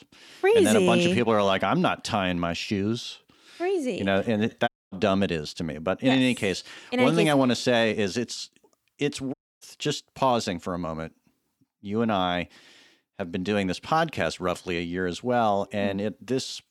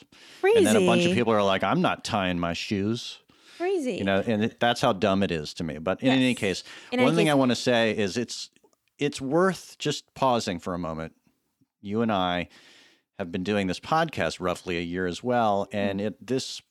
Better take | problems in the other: second | audio cutting out; at 4.5 s and at 9.5 s

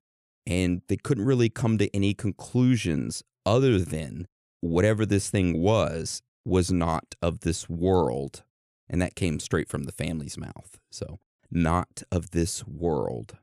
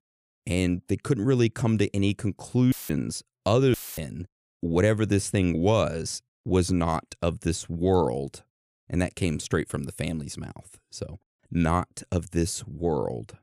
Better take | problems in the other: first | audio cutting out; filled with static; at 2.5 s and at 3.5 s

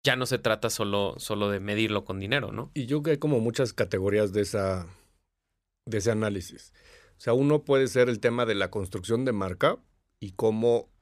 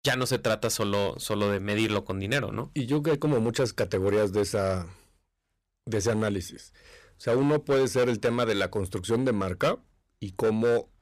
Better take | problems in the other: first | distortion; slight; 8% of the sound clipped

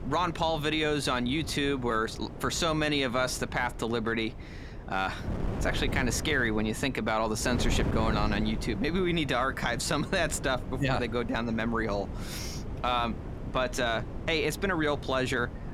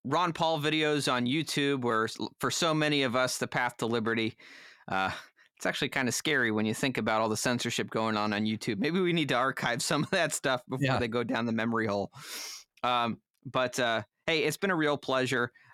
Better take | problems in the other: second | wind noise on the microphone; occasional gusts; 15 dB below the speech

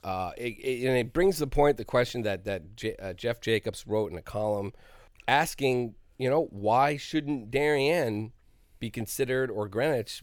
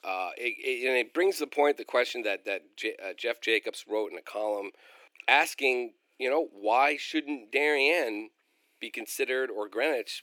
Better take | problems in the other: first | thin; somewhat; fading below 300 Hz

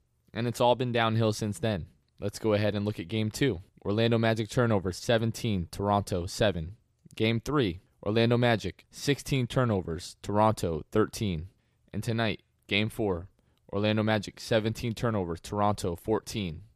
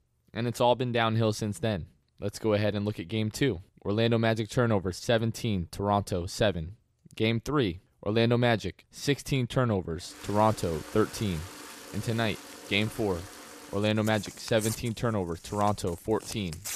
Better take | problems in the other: first | household noises; noticeable; from 10 s on; 15 dB below the speech

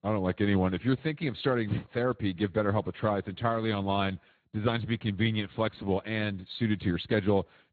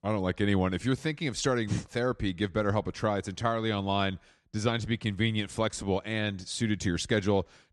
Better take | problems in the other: second | garbled, watery; badly; nothing above 4 kHz

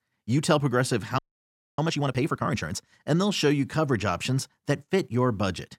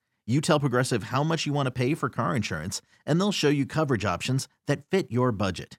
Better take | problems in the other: second | audio freezing; at 1 s for 0.5 s

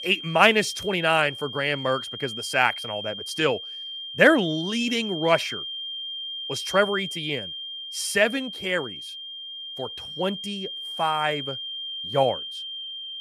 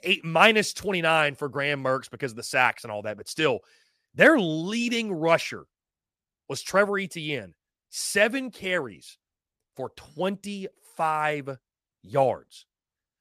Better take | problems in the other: second | high-pitched whine; loud; throughout; 3 kHz, 8 dB below the speech

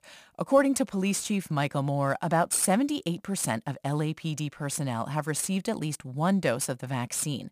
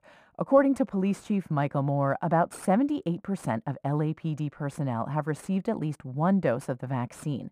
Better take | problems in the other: first | muffled; very; fading above 2.5 kHz

